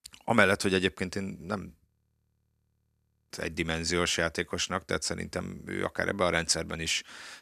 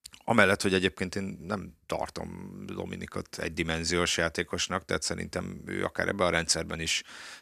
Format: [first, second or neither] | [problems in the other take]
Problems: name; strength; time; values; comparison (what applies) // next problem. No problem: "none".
second | audio freezing; at 2 s for 1.5 s